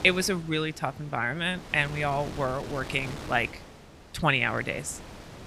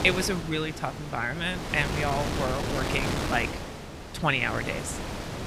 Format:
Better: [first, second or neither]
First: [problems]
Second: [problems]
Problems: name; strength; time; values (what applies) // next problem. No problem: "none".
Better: first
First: wind noise on the microphone; occasional gusts; 15 dB below the speech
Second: wind noise on the microphone; heavy; 6 dB below the speech